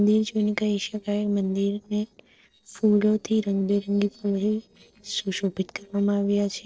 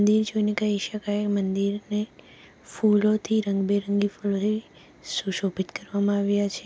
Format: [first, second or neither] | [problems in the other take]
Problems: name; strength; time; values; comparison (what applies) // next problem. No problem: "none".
second | noise reduction (neural separator model SepFormer DNS4)